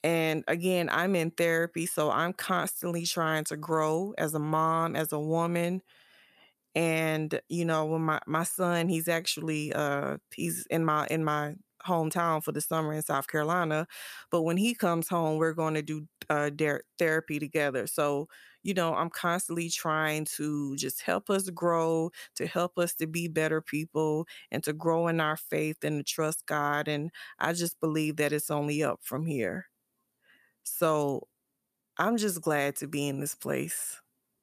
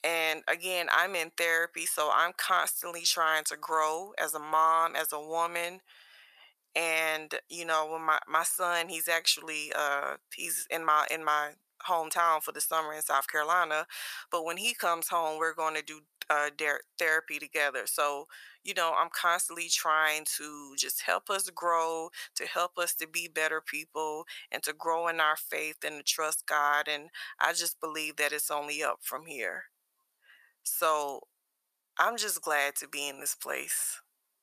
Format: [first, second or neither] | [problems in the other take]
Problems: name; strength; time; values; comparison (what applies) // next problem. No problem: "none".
first | thin; very; fading below 900 Hz